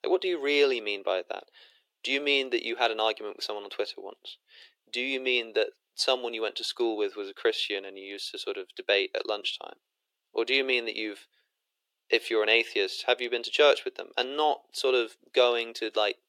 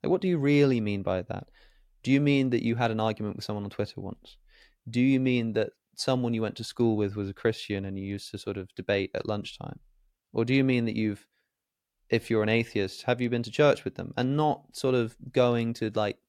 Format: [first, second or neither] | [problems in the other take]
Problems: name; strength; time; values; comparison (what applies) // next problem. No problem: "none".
second | thin; very; fading below 350 Hz